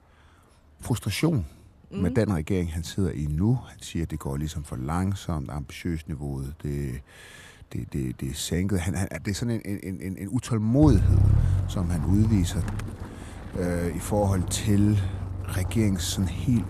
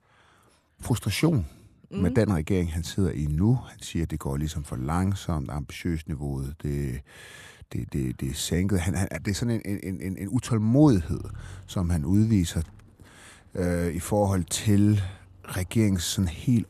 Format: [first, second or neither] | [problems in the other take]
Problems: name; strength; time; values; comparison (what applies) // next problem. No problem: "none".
second | traffic noise; loud; throughout; 2 dB below the speech; faint in the second